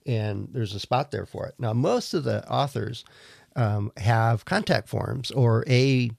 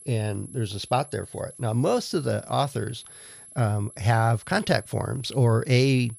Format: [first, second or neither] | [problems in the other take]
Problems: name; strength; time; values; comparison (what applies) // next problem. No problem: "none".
first | high-pitched whine; noticeable; throughout; 11 kHz, 20 dB below the speech